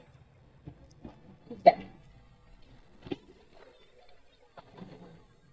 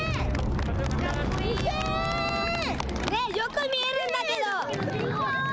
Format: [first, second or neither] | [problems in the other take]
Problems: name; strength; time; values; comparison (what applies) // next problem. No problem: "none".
second | noise reduction (neural mask model DeepFilterNet 3)